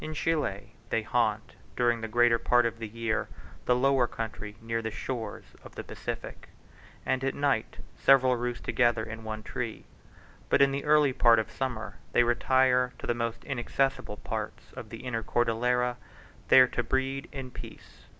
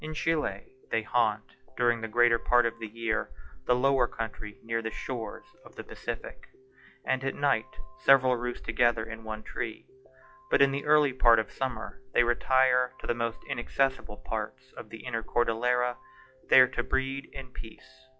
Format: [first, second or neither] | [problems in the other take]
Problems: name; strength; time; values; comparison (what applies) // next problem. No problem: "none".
first | noise reduction (classical method log-MMSE)